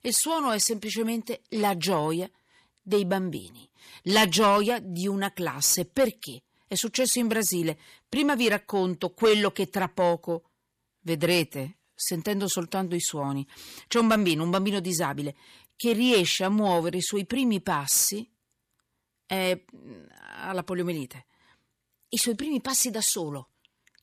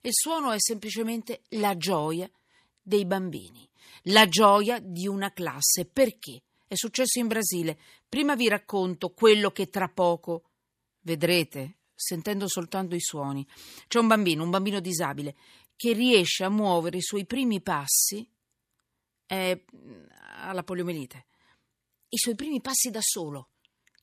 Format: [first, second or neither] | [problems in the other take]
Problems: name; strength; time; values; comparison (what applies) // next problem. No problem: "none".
second | distortion; slight; 10 dB below the speech